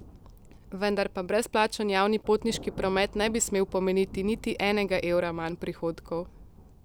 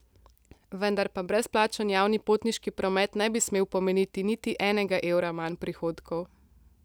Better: second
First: background sound (Thunder); 17 dB below the speech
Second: none

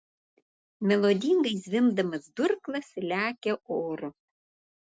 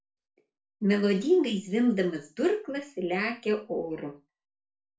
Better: first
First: none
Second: room echo; dies away in 0.3 s

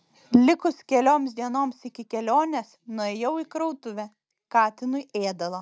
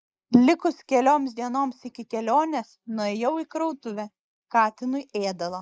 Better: first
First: none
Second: noise reduction (neural mask model Resemble Enhance denoiser)

